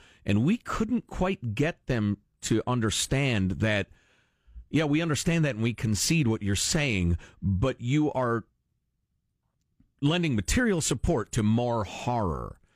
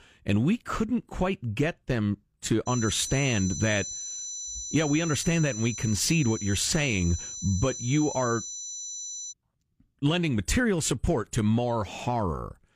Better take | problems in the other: first | high-pitched whine; loud; from 2.5 to 9.5 s; 6 kHz, 7 dB below the speech

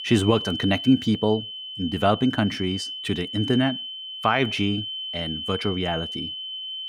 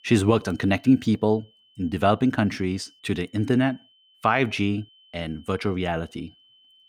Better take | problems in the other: second | high-pitched whine; loud; throughout; 3 kHz, 7 dB below the speech; faint in the second

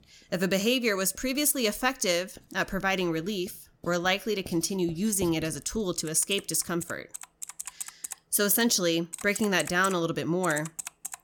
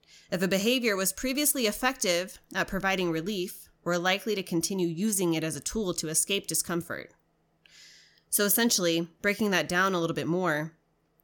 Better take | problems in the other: second | household noises; noticeable; throughout; 15 dB below the speech

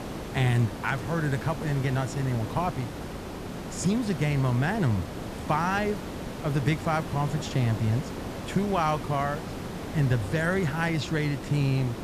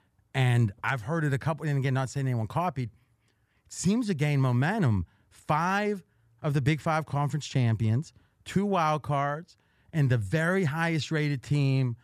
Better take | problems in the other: second | hiss; loud; throughout; 8 dB below the speech

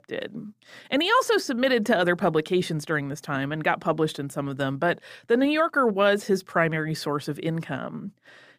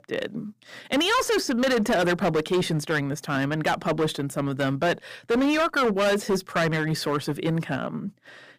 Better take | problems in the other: first | distortion; heavy; 13% of the sound clipped

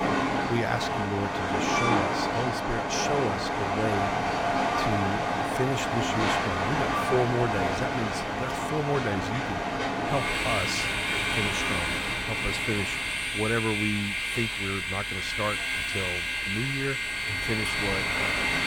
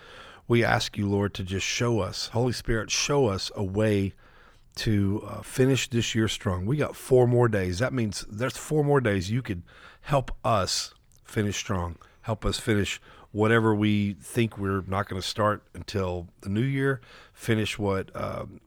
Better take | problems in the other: second | train or aircraft noise; very loud; throughout; 5 dB above the speech

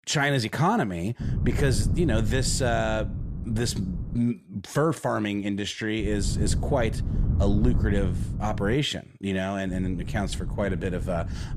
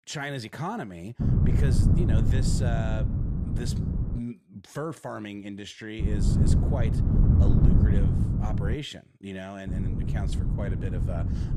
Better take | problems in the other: first | wind noise on the microphone; heavy; from 1 to 4 s, from 6 to 9 s and from 9.5 s on; 1 dB above the speech; occasional gusts in the first

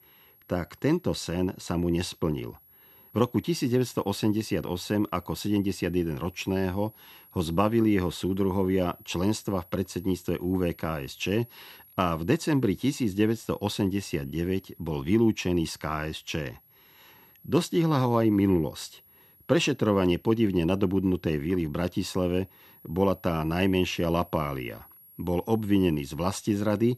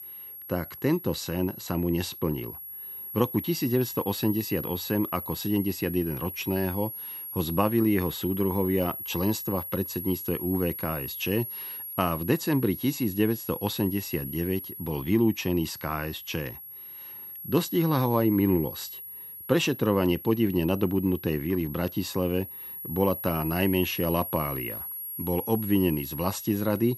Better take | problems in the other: first | high-pitched whine; loud; throughout; 11.5 kHz, 8 dB below the speech; faint in the first

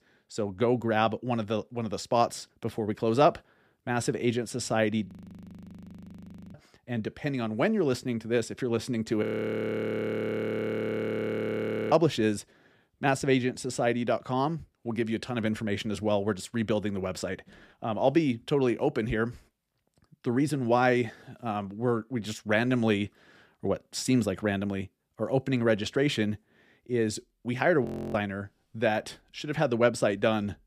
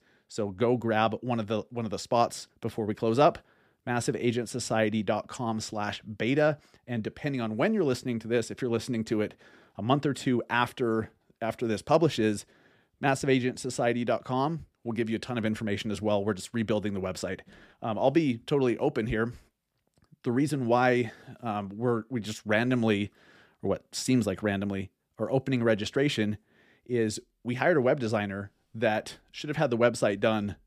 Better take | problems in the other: second | audio freezing; at 5 s for 1.5 s, at 9 s for 2.5 s and at 28 s

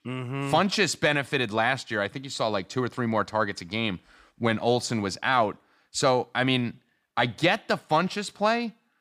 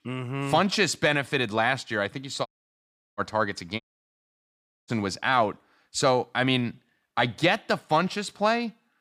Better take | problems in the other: first | audio cutting out; at 2.5 s for 0.5 s and at 4 s for 1 s

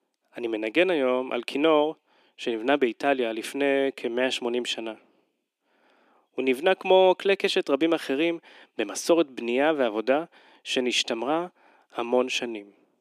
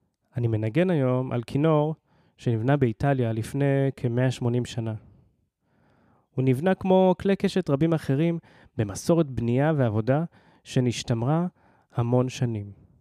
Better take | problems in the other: second | thin; somewhat; fading below 300 Hz

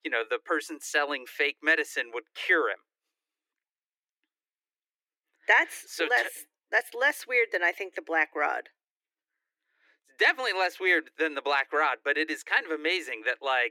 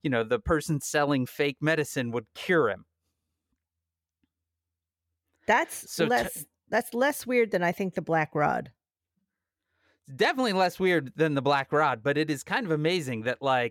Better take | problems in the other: second | thin; very; fading below 300 Hz

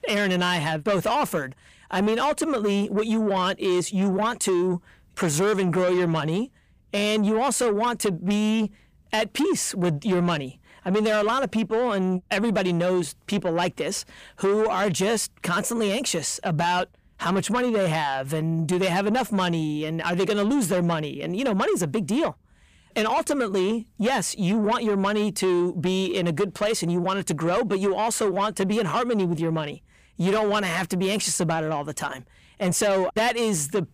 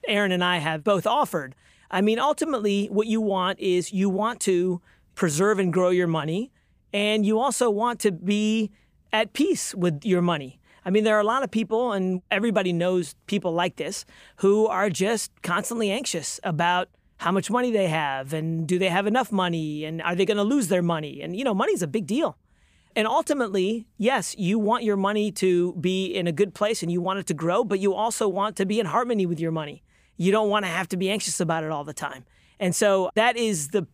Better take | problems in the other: second | distortion; slight; 10 dB below the speech

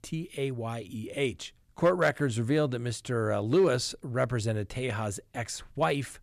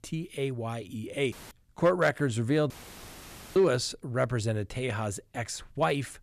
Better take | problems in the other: first | audio cutting out; filled with static; at 1.5 s and at 2.5 s for 1 s

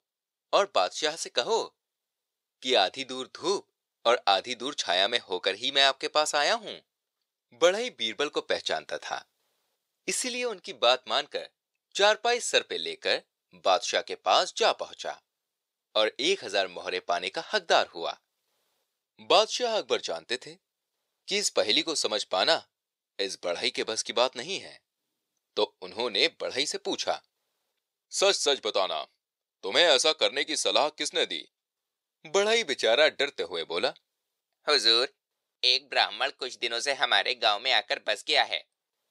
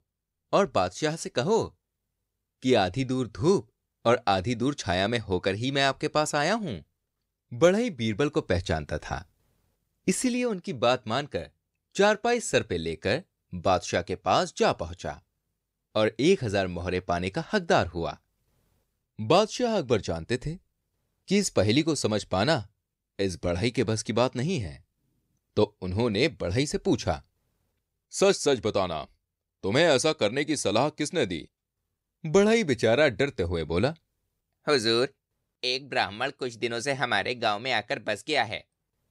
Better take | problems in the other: second | thin; very; fading below 600 Hz

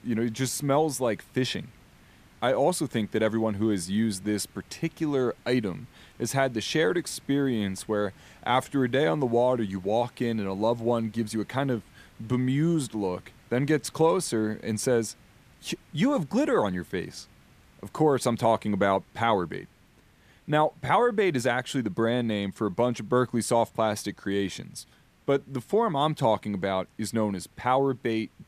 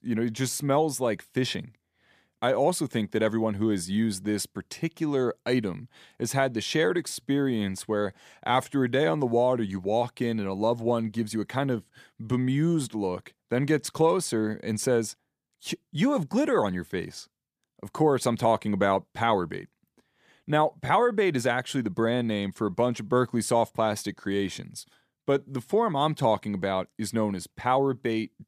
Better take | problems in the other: second | hiss; faint; throughout; 30 dB below the speech

